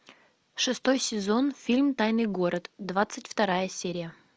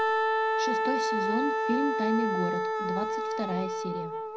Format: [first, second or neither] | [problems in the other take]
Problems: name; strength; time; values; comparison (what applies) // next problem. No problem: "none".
first | background sound (Wind instrument, woodwind instrument); 5 dB above the speech // room echo; dies away in 0.3 s